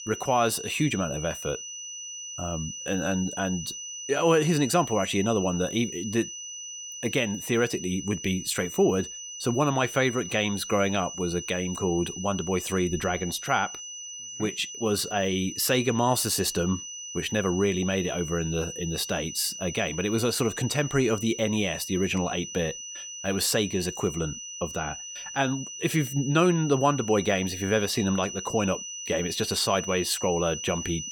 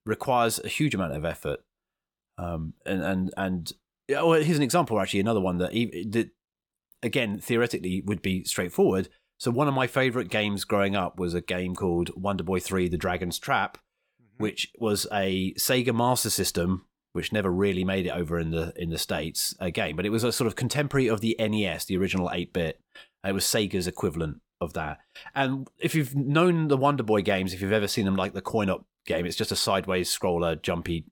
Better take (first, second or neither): second